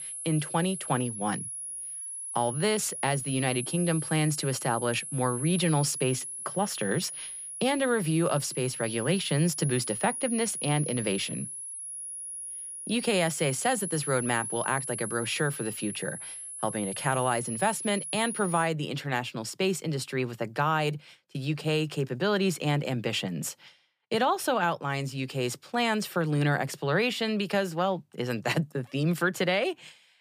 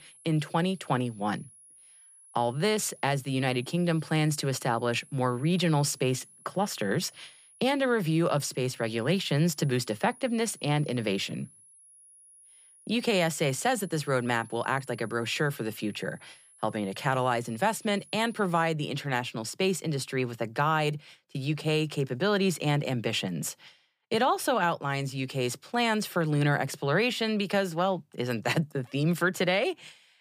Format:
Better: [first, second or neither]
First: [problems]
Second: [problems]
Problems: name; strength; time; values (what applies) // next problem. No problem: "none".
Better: second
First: high-pitched whine; loud; until 19 s; 10.5 kHz, 6 dB below the speech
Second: high-pitched whine; faint; until 19 s; 10.5 kHz, 25 dB below the speech